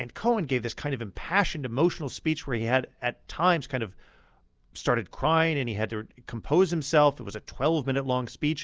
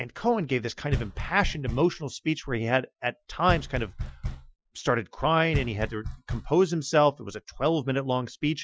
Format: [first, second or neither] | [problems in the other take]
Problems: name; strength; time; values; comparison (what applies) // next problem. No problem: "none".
first | noise reduction (classical method Wiener filter)